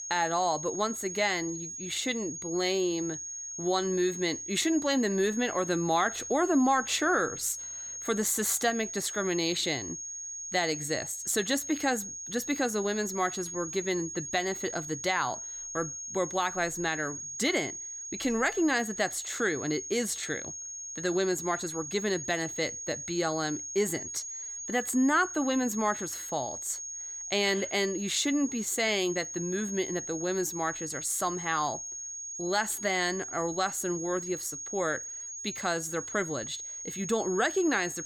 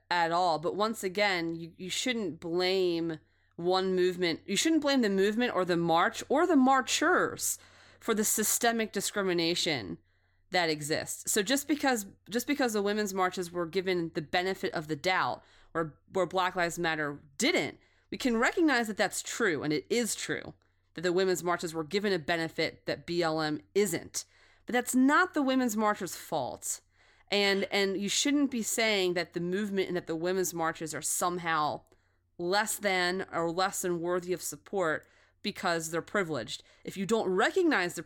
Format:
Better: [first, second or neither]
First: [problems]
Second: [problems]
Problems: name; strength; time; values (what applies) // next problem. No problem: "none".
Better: second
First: high-pitched whine; loud; throughout; 6.5 kHz, 7 dB below the speech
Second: none